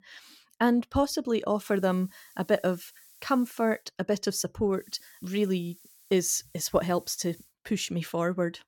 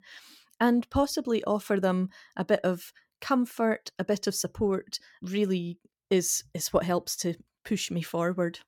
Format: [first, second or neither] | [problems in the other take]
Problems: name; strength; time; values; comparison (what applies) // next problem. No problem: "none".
second | hiss; faint; from 1.5 to 4 s and from 5 to 7.5 s; 25 dB below the speech